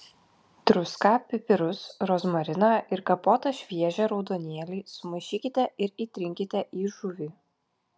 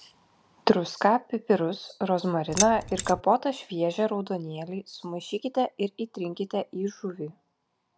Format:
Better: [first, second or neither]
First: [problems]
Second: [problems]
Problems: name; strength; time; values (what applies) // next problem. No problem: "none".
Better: first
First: none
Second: background sound (Keys jangling); 3 dB below the speech